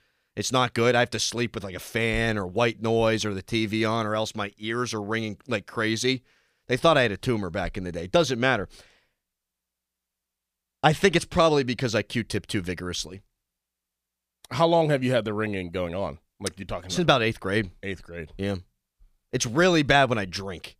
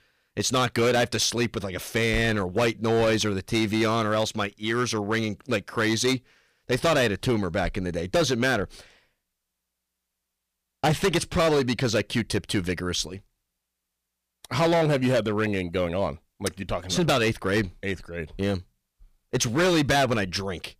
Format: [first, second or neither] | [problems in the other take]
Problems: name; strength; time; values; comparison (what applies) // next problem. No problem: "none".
first | distortion; heavy; 8% of the sound clipped